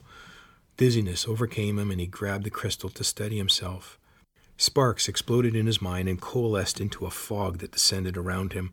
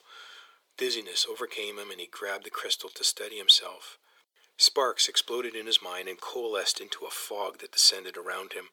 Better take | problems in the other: first | thin; very; fading below 450 Hz

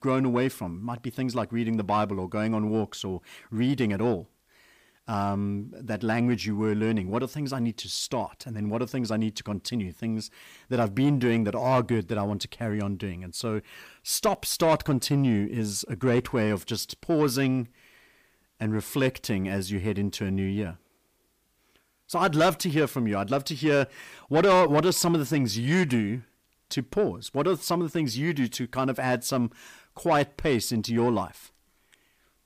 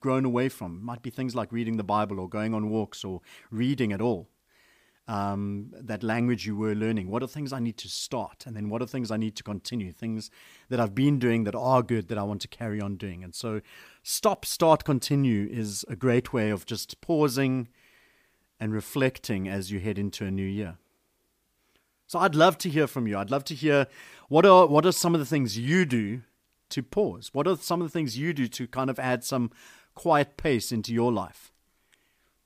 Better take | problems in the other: second | distortion; slight; 10 dB below the speech

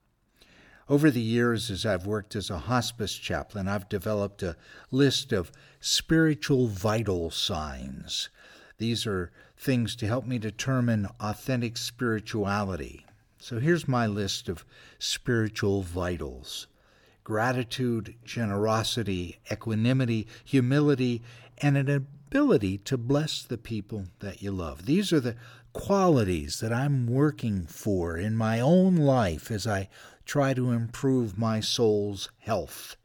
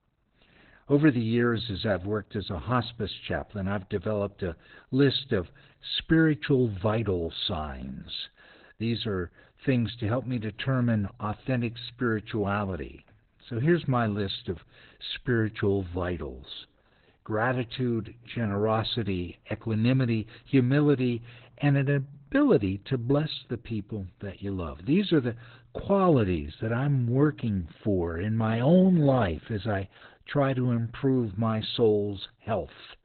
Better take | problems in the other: first | garbled, watery; badly; nothing above 4 kHz

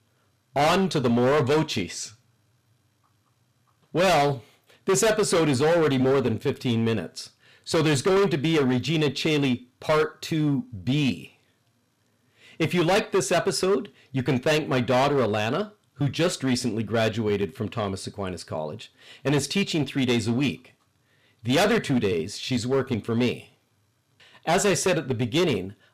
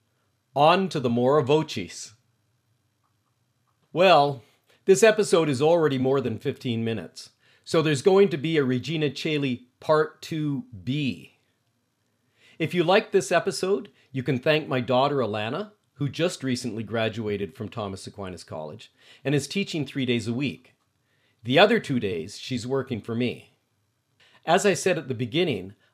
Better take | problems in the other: second | distortion; heavy; 11% of the sound clipped

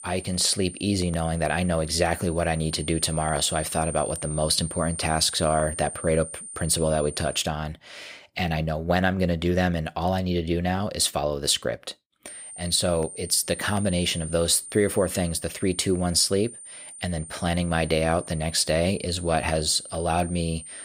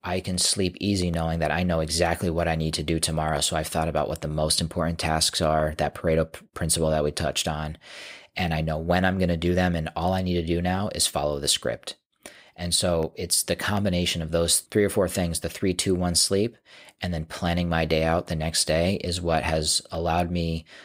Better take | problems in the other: second | high-pitched whine; noticeable; until 7.5 s and from 12 s on; 9 kHz, 10 dB below the speech

